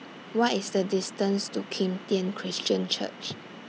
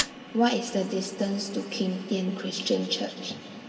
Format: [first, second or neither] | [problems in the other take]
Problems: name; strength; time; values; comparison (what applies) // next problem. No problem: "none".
first | background sound (Fire); 14 dB below the speech // room echo; dies away in 2.1 s